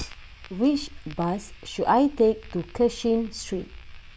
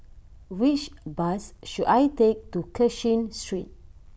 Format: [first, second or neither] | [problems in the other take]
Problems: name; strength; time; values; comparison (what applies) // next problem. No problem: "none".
second | background sound (Fire); 18 dB below the speech